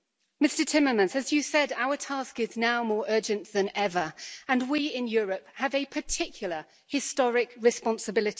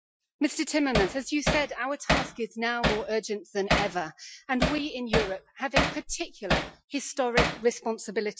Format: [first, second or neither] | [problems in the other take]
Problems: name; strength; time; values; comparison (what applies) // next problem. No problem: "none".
first | noise reduction (classical method Wiener filter)